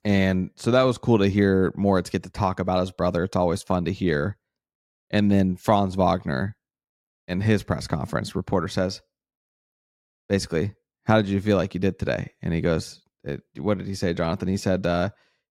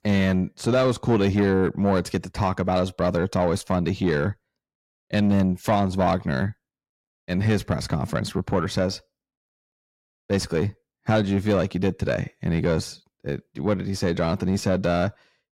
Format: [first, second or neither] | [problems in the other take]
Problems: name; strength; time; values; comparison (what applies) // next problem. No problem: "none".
first | distortion; slight; 10 dB below the speech